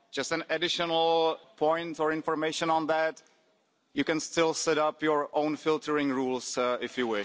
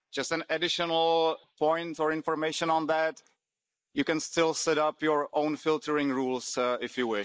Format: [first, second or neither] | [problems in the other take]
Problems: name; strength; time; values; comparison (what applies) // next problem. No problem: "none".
first | noise reduction (neural mask model Resemble Enhance denoiser)